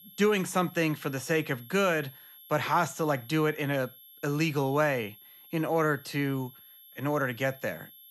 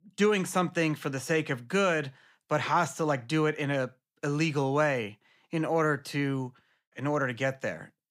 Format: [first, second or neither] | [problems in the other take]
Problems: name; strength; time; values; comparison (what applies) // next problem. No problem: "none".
second | high-pitched whine; faint; throughout; 11.5 kHz, 20 dB below the speech